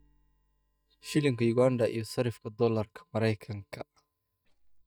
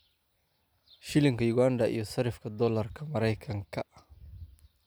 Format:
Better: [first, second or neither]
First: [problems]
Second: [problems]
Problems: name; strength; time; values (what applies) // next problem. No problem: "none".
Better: second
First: noise reduction (neural mask model DeepFilterNet 3)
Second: none